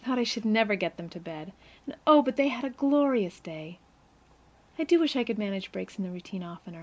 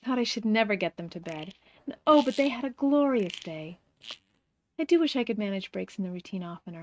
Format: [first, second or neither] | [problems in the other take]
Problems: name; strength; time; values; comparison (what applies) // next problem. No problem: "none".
first | noise reduction (neural mask model RNNoise)